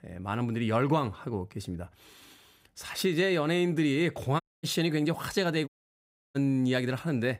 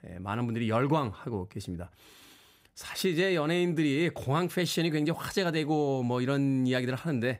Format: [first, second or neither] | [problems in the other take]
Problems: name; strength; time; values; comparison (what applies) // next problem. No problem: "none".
second | audio cutting out; at 4.5 s and at 5.5 s for 0.5 s